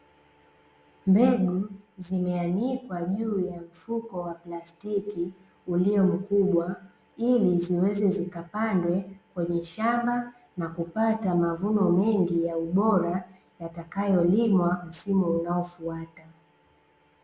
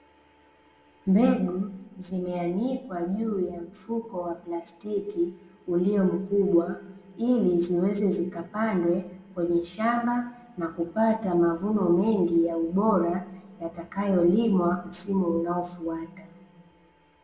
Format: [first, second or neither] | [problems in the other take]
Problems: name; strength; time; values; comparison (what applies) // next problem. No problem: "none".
first | room echo; dies away in 1.8 s